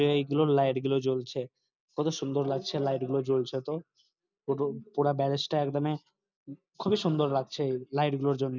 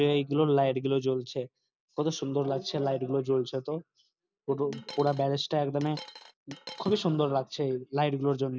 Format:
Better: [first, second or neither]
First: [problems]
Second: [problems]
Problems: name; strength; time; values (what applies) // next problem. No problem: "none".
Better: first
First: none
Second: background sound (Coin (dropping)); 17 dB below the speech